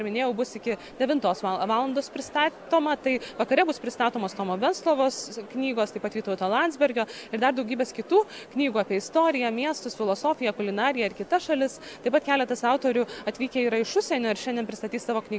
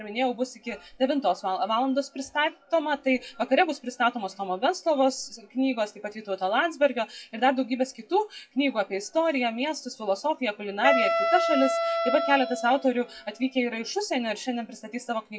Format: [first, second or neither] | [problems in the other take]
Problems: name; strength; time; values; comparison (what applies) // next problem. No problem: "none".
first | noise reduction (classical method WPE with log-MMSE)